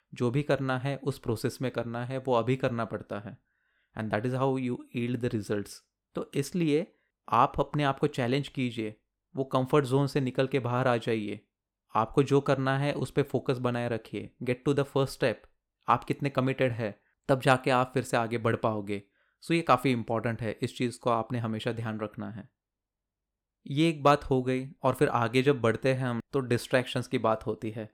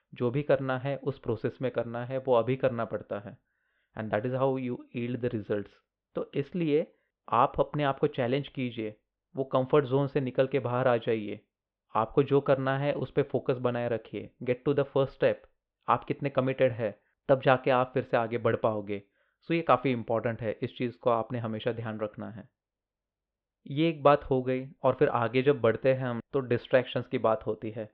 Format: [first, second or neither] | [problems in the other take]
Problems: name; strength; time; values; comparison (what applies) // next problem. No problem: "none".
first | muffled; very; fading above 3.5 kHz